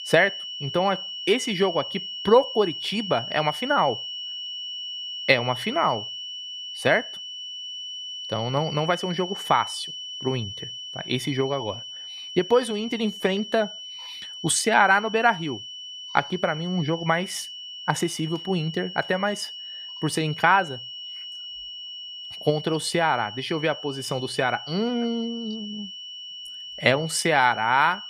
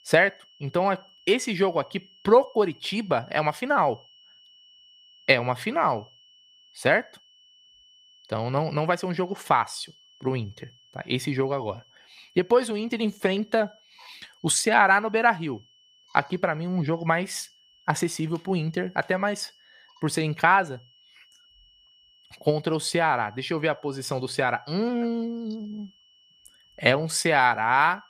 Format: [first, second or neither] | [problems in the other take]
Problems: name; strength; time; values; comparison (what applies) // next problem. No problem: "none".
second | high-pitched whine; loud; throughout; 3 kHz, 9 dB below the speech; faint in the second